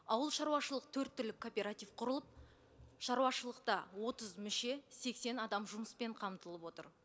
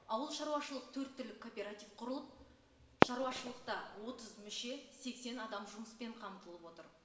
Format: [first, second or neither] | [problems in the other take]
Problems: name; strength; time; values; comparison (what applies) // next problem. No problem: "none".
first | background sound (Fireworks); 1 dB above the speech // room echo; dies away in 1.2 s